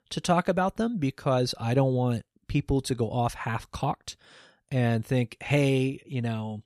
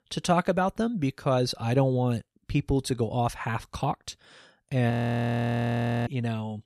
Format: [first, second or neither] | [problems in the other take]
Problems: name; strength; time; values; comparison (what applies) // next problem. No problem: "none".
first | audio freezing; at 5 s for 1 s